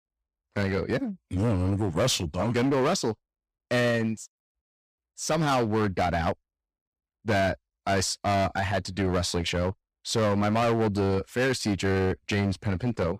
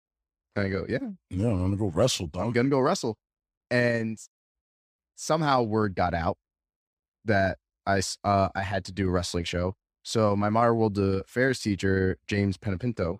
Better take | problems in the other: second | distortion; heavy; 12% of the sound clipped

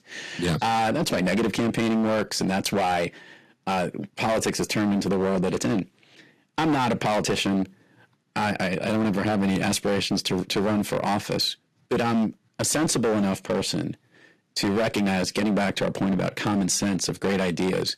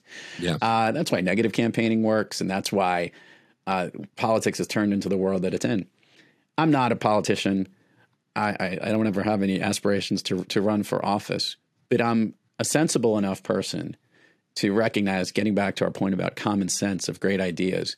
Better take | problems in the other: second | distortion; heavy; 16% of the sound clipped

